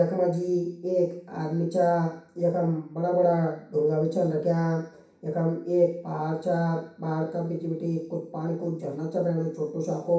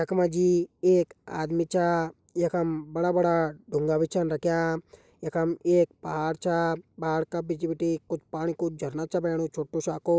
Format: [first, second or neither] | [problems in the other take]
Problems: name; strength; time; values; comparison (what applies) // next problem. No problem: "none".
second | room echo; dies away in 0.6 s